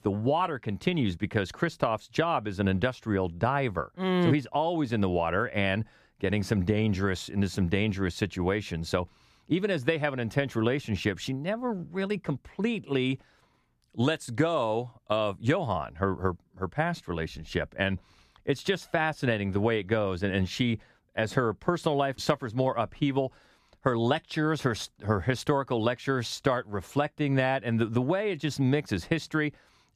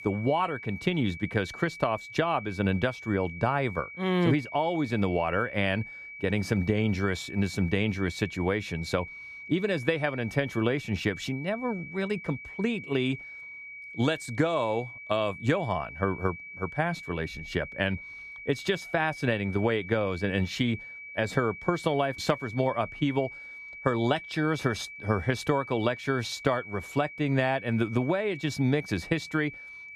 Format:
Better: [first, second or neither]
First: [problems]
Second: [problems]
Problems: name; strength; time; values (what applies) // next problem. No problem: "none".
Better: first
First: none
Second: high-pitched whine; noticeable; throughout; 2.5 kHz, 10 dB below the speech